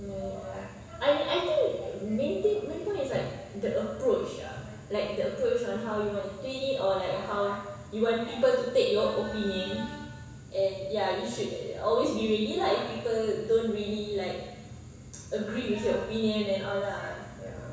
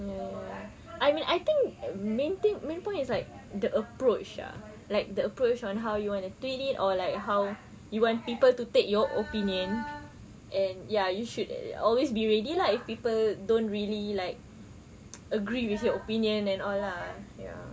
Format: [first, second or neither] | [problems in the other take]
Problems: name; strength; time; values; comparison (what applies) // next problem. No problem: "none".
second | room echo; dies away in 1.1 s